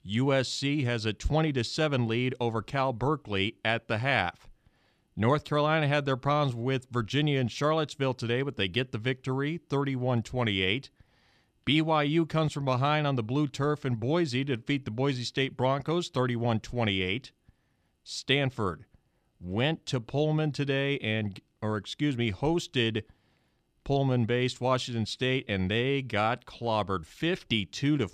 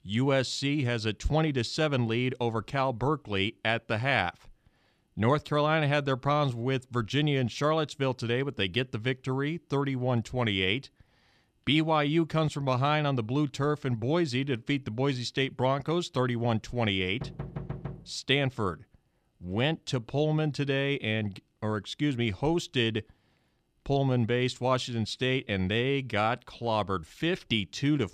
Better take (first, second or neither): first